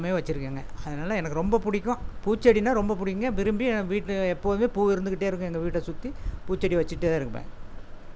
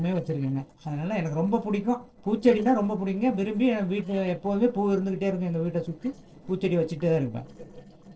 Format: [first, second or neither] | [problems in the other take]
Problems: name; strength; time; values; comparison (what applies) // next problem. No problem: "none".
first | noise reduction (neural separator model SepFormer DNS4)